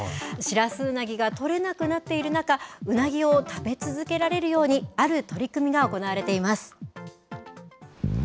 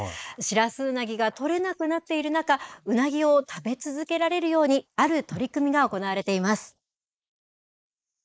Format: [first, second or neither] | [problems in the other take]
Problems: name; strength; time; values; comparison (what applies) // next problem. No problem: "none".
first | noise reduction (neural mask model Resemble Enhance denoiser)